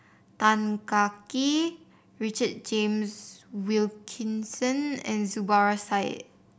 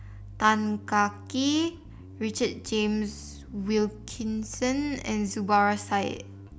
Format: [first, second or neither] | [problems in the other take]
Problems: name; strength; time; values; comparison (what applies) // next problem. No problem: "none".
first | background sound (Bass guitar); 16 dB below the speech